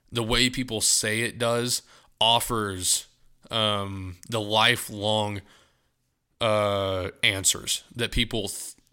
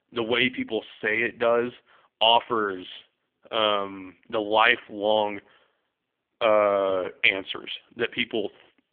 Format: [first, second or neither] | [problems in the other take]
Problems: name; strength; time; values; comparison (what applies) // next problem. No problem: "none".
first | phone-call audio; poor line; nothing above 3.5 kHz